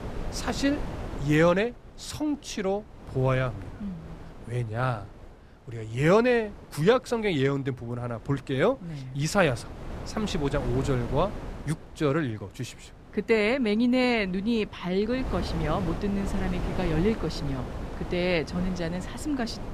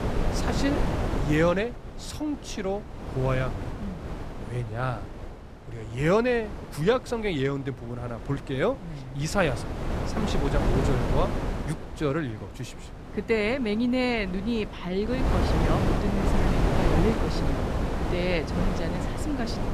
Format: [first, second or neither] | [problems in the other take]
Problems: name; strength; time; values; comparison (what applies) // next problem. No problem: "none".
first | wind noise on the microphone; heavy; 4 dB below the speech; occasional gusts in the first